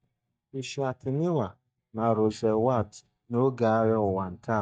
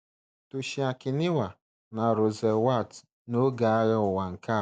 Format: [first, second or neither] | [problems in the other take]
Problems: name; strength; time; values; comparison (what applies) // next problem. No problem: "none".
second | noise reduction (neural mask model DeepFilterNet 3)